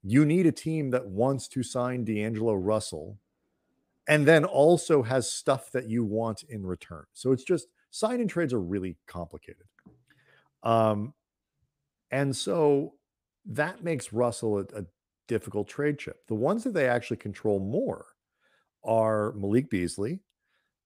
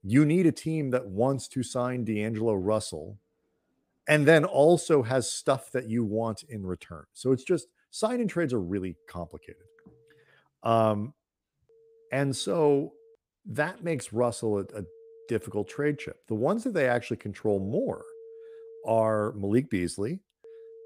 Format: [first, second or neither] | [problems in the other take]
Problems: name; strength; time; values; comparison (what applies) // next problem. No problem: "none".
first | alarms or sirens; faint; throughout; 25 dB below the speech